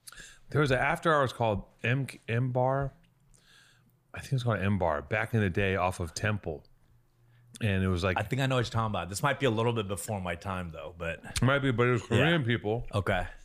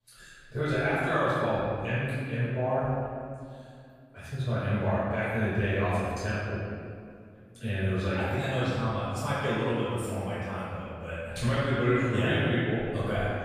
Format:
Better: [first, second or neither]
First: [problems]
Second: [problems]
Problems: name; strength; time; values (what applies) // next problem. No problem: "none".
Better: first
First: none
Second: off-mic speech; far // room echo; strong; dies away in 2 s